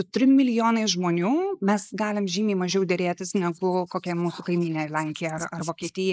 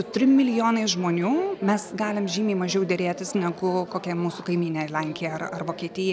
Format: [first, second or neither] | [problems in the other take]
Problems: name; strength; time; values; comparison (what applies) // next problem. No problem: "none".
second | noise reduction (neural mask model Resemble Enhance denoiser)